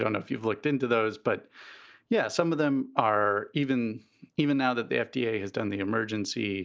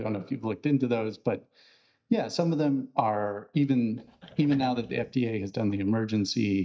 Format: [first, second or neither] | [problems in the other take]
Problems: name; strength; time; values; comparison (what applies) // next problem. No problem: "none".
first | noise reduction (neural mask model DeepFilterNet 3)